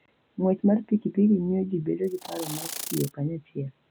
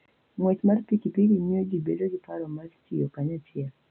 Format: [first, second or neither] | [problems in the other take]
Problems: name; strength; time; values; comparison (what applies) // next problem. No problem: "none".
second | background sound (Insect); 10 dB below the speech